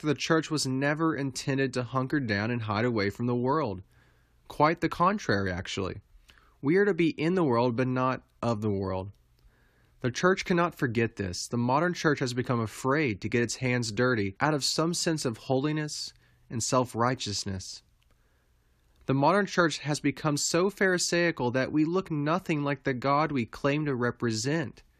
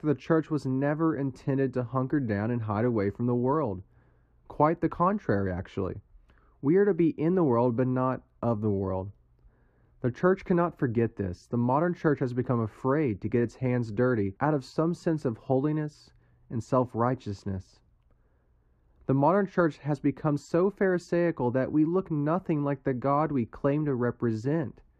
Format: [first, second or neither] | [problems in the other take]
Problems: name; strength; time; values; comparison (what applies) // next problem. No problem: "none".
first | muffled; very; fading above 2 kHz